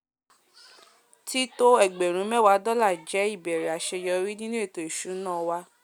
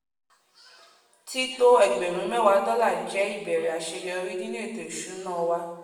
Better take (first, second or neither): first